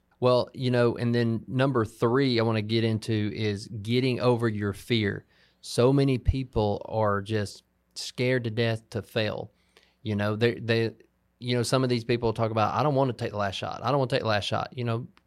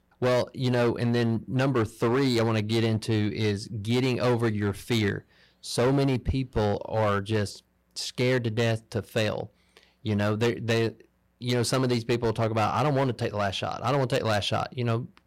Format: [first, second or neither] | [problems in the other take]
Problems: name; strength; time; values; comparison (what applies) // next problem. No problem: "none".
first | distortion; slight; 11% of the sound clipped